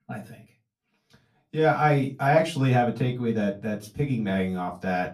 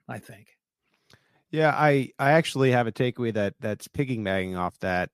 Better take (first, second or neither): second